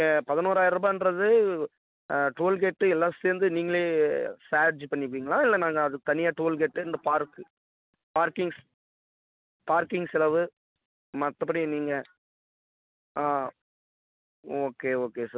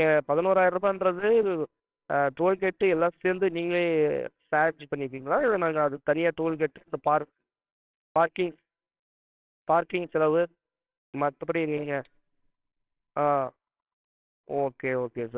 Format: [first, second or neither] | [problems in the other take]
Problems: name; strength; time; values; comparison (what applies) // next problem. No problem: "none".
first | noise reduction (neural separator model SepFormer WHAMR!)